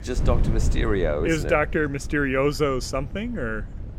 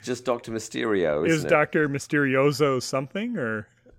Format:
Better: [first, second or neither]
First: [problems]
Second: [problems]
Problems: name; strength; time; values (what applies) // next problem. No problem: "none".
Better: second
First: wind noise on the microphone; occasional gusts; 15 dB below the speech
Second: none